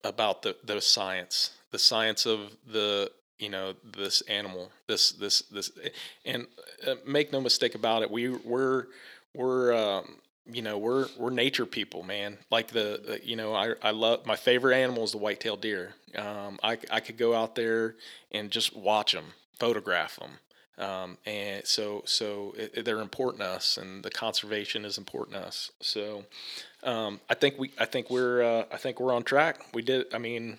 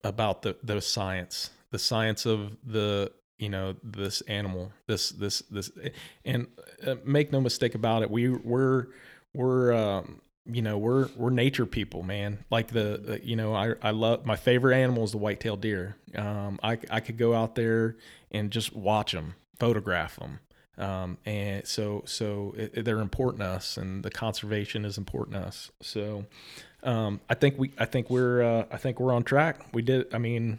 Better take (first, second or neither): second